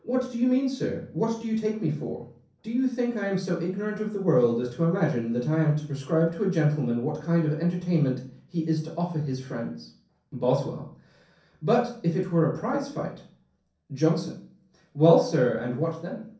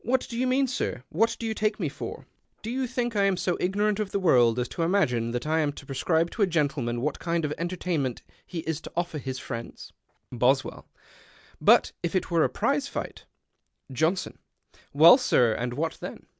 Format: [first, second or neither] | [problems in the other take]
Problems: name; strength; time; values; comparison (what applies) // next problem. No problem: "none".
second | room echo; dies away in 0.6 s